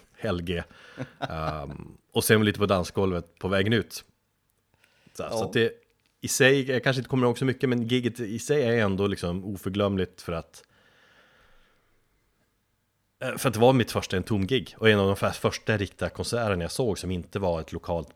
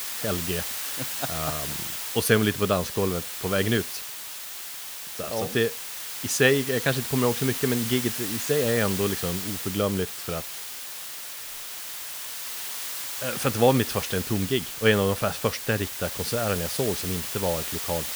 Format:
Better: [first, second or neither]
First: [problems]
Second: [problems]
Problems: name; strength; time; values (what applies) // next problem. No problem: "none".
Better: first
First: none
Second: hiss; loud; throughout; 4 dB below the speech